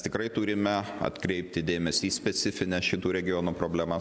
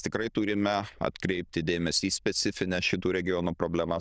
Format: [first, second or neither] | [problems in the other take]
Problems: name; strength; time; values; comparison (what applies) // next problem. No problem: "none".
first | noise reduction (neural diffusion model UNIVERSE++)